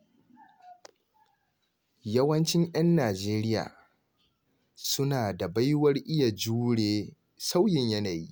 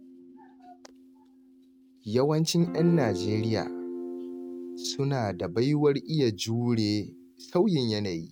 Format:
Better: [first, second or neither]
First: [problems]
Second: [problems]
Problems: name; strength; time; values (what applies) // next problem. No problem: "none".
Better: first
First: none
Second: noise reduction (neural mask model RNNoise)